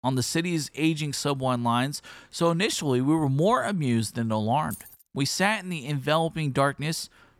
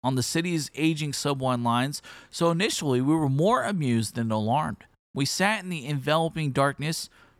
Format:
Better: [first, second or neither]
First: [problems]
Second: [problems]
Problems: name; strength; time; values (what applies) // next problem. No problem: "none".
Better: second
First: jangling keys; faint; at 4.5 s; peak 15 dB below the speech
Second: none